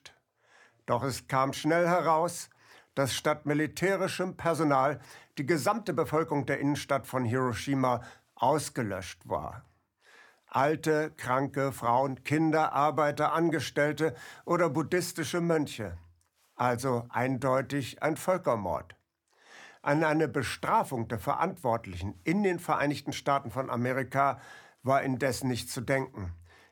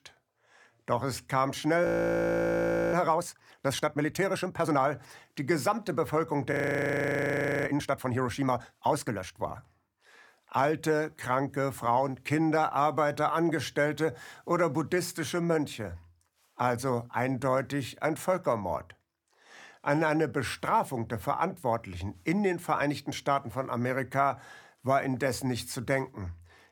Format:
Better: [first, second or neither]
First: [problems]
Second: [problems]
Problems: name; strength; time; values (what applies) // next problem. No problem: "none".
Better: first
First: none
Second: audio freezing; at 2 s for 1 s and at 6.5 s for 1 s